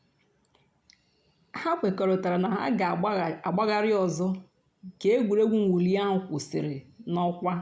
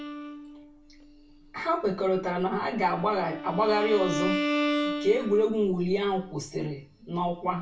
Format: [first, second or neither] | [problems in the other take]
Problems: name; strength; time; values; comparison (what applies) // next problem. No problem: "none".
first | background sound (Bowed string instrument); 6 dB below the speech // room echo; dies away in 0.2 s